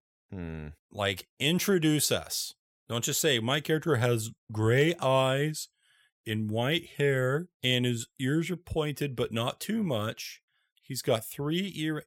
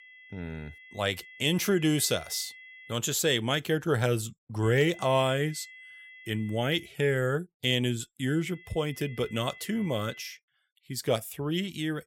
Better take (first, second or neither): first